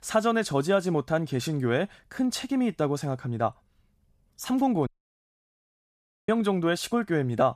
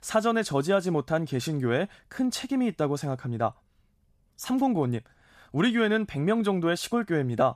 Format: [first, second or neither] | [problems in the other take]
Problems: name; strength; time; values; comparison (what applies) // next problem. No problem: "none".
second | audio cutting out; at 5 s for 1.5 s